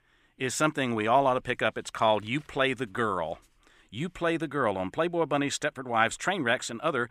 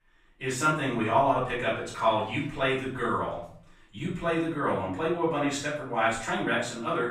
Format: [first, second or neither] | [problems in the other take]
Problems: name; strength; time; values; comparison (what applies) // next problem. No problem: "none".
first | off-mic speech; far // room echo; noticeable; dies away in 0.6 s